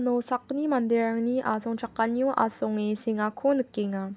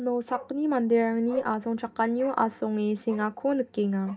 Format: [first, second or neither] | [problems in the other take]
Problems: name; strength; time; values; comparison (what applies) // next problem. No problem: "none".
first | noise reduction (neural mask model DeepFilterNet 3)